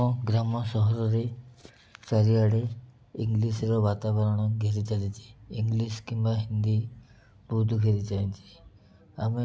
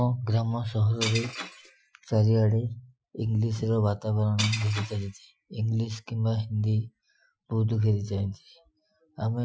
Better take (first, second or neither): first